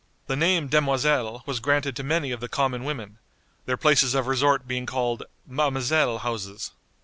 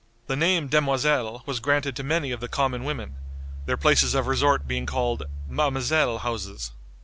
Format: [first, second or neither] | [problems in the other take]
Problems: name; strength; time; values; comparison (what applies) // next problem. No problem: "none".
first | background sound (Engine); 10 dB below the speech